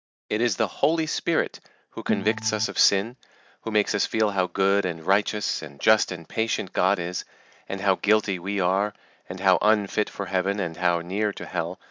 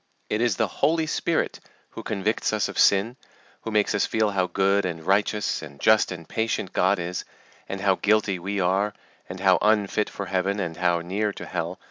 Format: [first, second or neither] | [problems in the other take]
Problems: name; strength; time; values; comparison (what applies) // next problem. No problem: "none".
second | noise reduction (neural mask model DeepFilterNet 3)